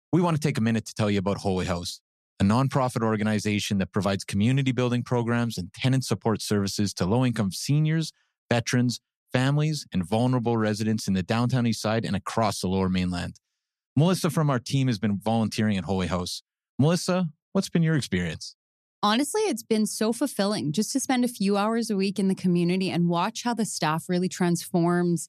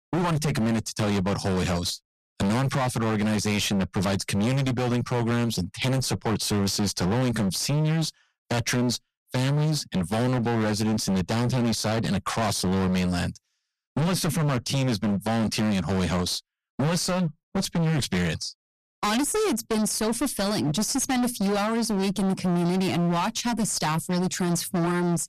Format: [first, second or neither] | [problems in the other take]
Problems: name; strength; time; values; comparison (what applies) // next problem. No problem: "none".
first | distortion; heavy; 32% of the sound clipped